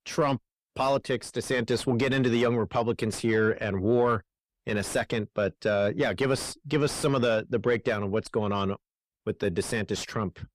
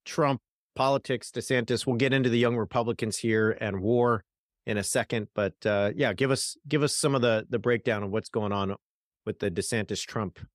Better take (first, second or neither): second